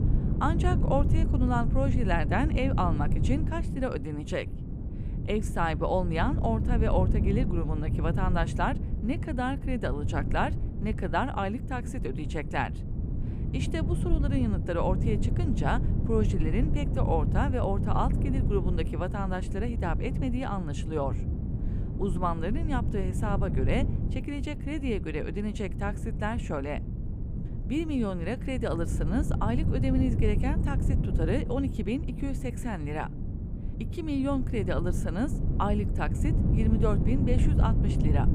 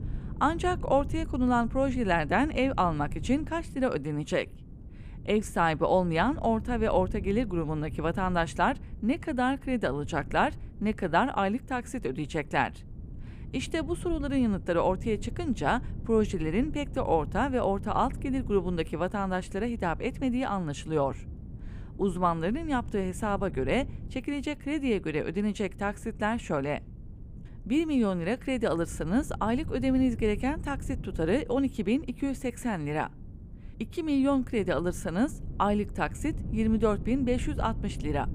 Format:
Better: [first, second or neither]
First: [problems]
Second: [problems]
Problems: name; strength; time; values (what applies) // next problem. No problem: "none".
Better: second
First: wind noise on the microphone; heavy; 9 dB below the speech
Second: wind noise on the microphone; occasional gusts; 20 dB below the speech